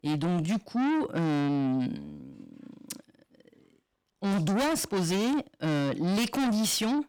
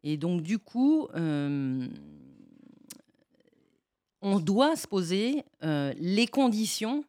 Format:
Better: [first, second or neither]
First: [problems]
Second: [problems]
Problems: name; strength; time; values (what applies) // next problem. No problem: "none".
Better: second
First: distortion; heavy; 6 dB below the speech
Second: none